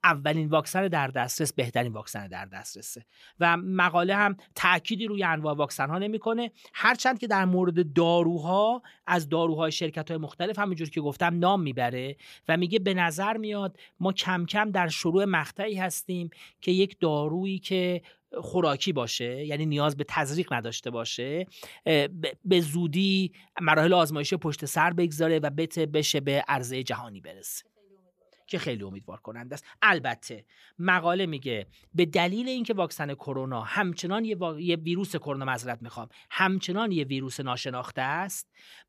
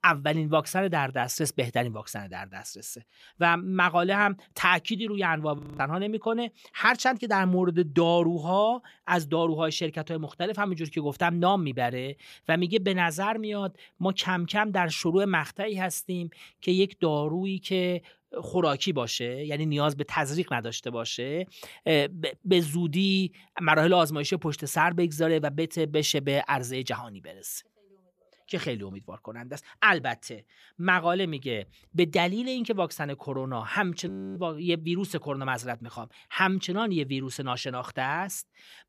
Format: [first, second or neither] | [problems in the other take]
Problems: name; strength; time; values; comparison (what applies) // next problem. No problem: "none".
first | audio freezing; at 5.5 s and at 34 s